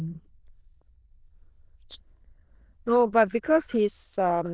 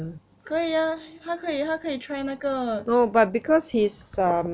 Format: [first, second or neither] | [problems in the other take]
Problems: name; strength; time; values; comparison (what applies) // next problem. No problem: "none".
second | noise reduction (neural diffusion model UNIVERSE++)